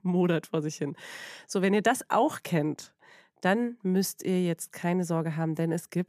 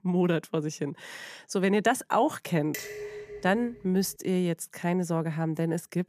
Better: first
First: none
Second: clattering dishes; noticeable; from 2.5 to 4 s; peak 9 dB below the speech

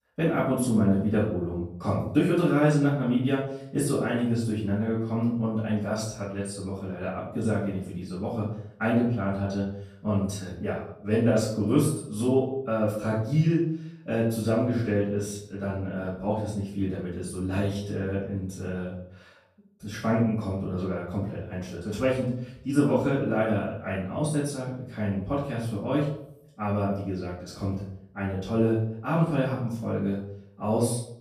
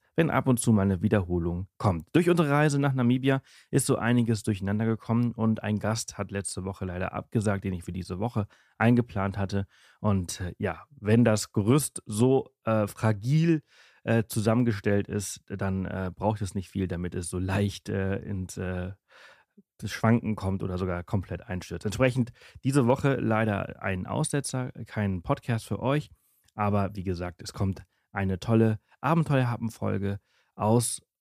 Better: second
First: off-mic speech; far // room echo; noticeable; dies away in 0.6 s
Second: none

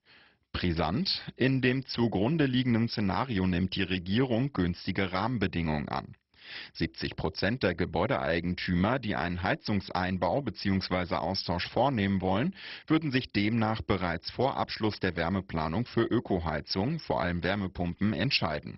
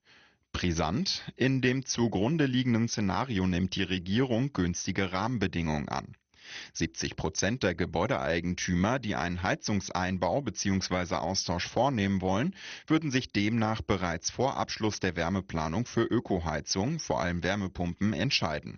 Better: second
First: garbled, watery; badly; nothing above 5.5 kHz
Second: garbled, watery; slightly; nothing above 6.5 kHz

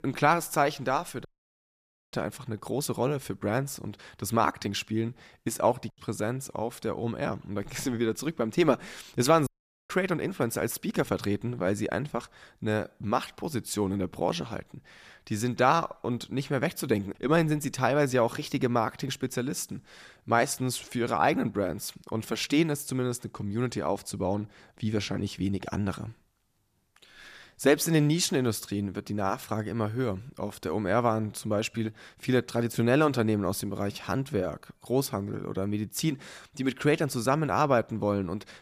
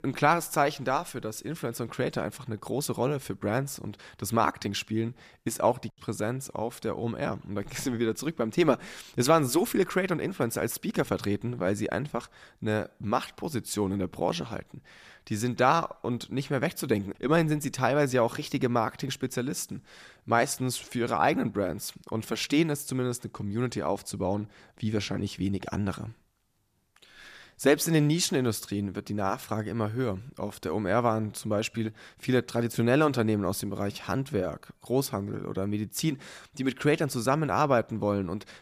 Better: second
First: audio cutting out; at 1.5 s for 1 s and at 9.5 s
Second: none

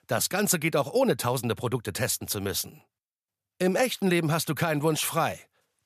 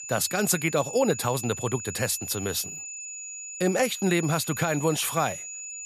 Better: first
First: none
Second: high-pitched whine; loud; throughout; 7 kHz, 9 dB below the speech

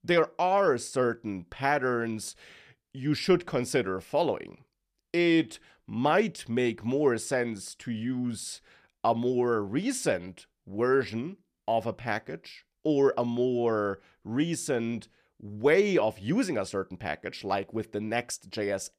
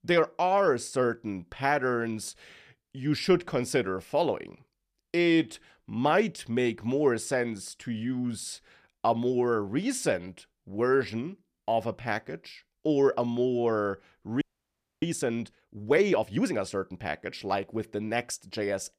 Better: first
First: none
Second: audio freezing; at 14 s for 0.5 s

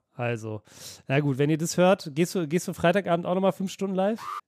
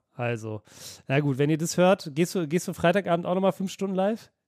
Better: second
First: alarm; very faint; at 4 s; peak 10 dB below the speech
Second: none

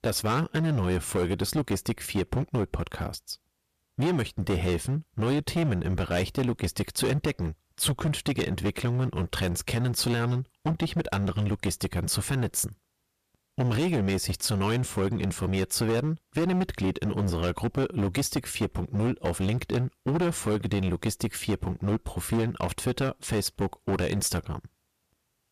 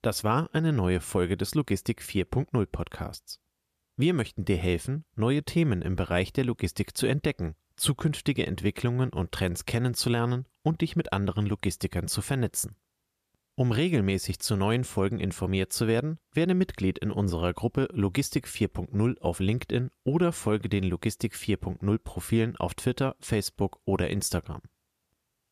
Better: second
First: distortion; heavy; 14% of the sound clipped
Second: none

